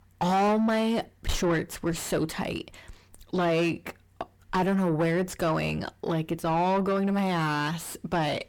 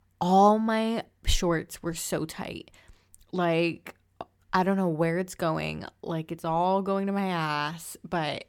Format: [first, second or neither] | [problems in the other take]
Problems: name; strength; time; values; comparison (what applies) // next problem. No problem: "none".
second | distortion; heavy; 5 dB below the speech